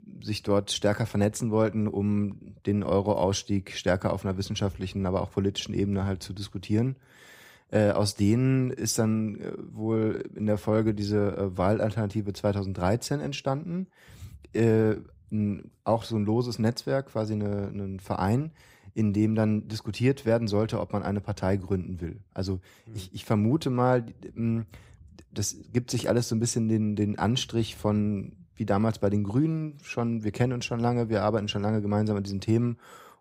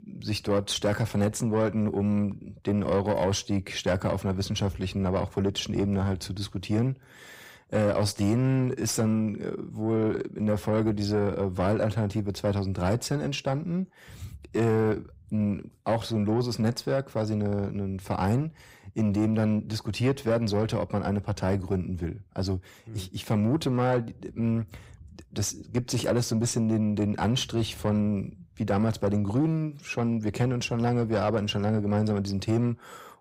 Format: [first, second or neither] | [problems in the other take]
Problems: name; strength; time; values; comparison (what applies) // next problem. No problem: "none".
first | distortion; slight; 10 dB below the speech